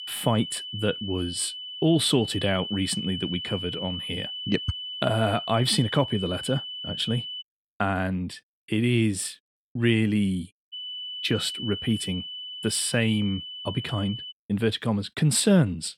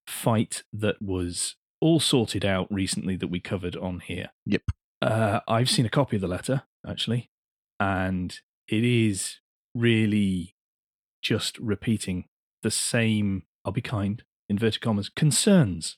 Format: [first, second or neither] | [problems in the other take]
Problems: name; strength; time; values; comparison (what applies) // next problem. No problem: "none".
second | high-pitched whine; loud; until 7.5 s and from 11 to 14 s; 3 kHz, 7 dB below the speech